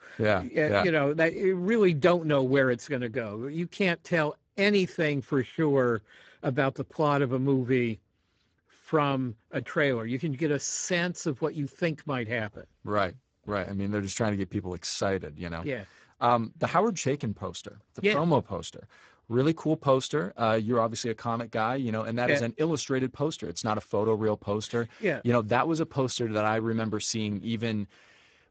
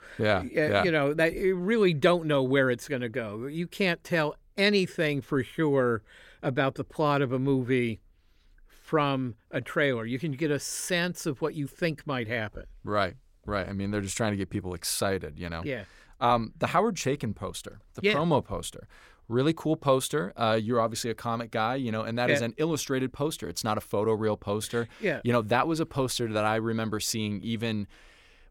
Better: second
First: garbled, watery; badly; nothing above 7.5 kHz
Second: none

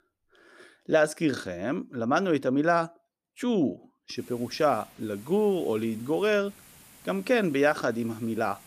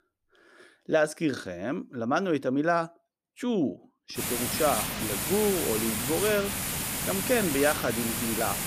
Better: first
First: hiss; faint; from 4 s on; 25 dB below the speech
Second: hiss; loud; from 4 s on; 1 dB below the speech

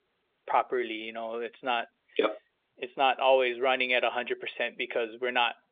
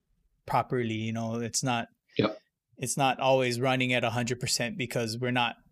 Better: second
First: phone-call audio; nothing above 3 kHz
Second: none

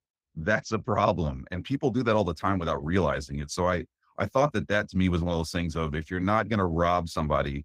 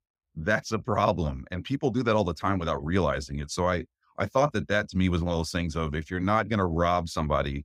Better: second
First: garbled, watery; slightly; nothing above 15.5 kHz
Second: none

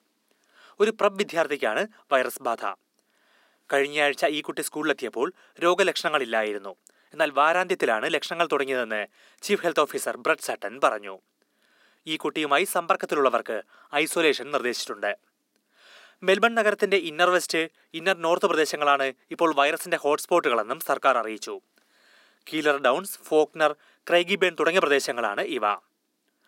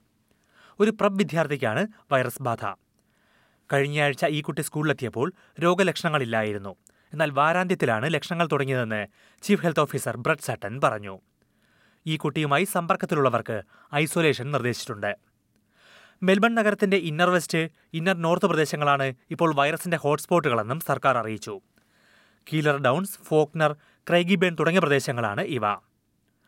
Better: second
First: thin; somewhat; fading below 300 Hz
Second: none

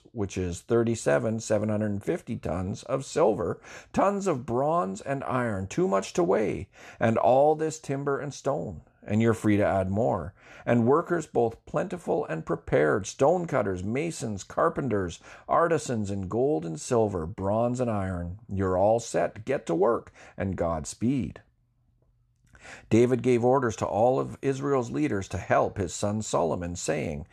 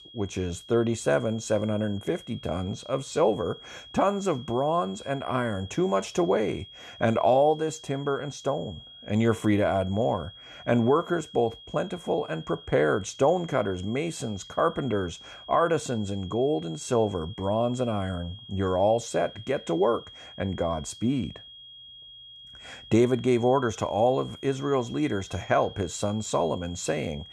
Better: first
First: none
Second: high-pitched whine; noticeable; throughout; 3.5 kHz, 20 dB below the speech

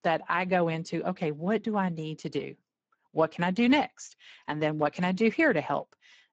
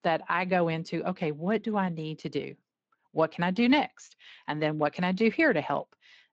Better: second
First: garbled, watery; badly; nothing above 7.5 kHz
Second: garbled, watery; slightly; nothing above 7.5 kHz

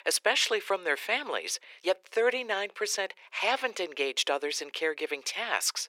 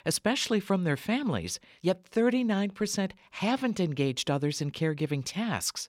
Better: second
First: thin; very; fading below 400 Hz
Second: none

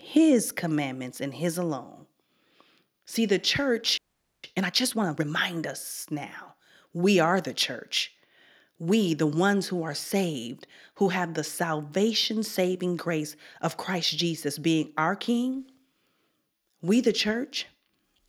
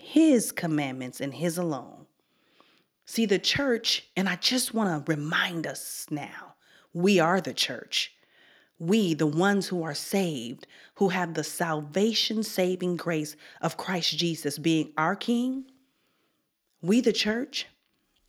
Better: second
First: audio freezing; at 4 s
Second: none

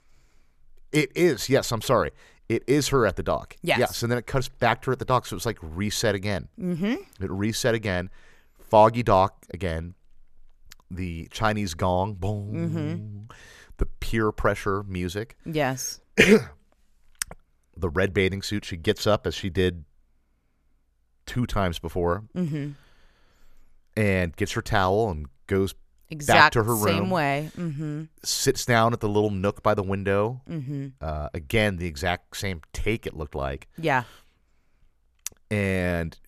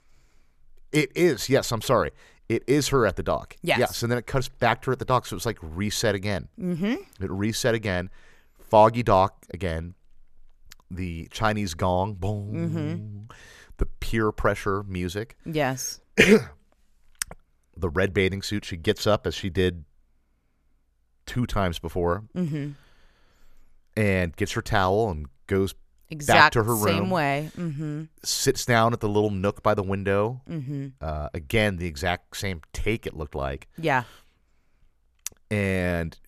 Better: neither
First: none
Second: none

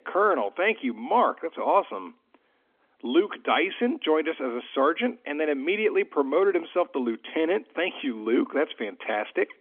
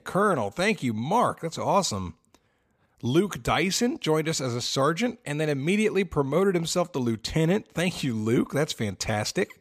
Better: second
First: phone-call audio; nothing above 3.5 kHz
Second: none

